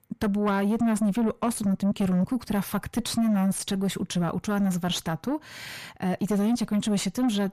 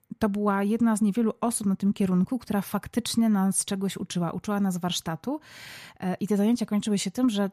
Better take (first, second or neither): second